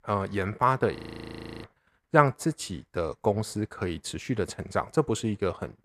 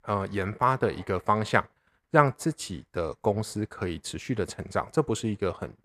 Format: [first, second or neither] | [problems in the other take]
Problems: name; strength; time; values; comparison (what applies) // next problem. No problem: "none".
second | audio freezing; at 1 s for 0.5 s